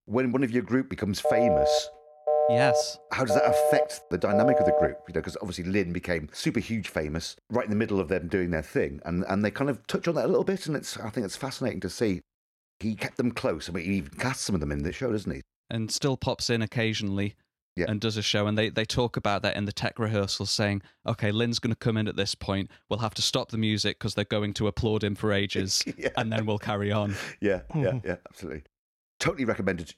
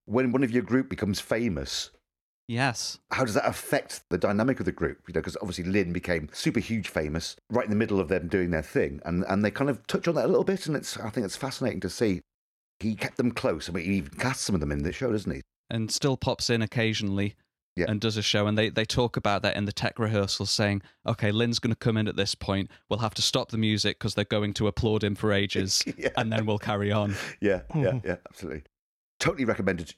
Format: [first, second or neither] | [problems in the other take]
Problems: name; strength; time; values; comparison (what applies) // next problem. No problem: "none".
second | phone ringing; loud; from 1 to 5 s; peak 6 dB above the speech